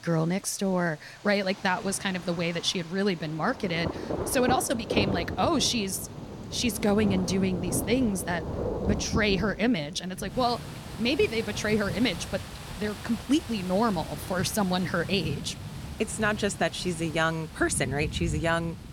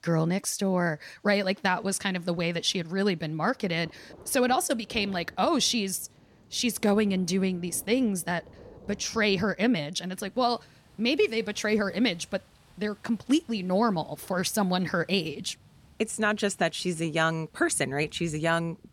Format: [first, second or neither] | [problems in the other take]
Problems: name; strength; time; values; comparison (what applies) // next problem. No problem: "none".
second | rain or running water; loud; throughout; 8 dB below the speech; faint in the second